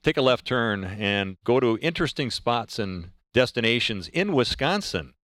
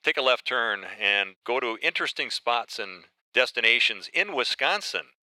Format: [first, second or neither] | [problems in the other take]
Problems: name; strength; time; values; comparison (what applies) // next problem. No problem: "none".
first | thin; very; fading below 650 Hz